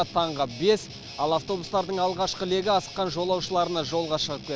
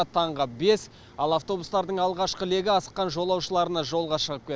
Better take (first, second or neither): second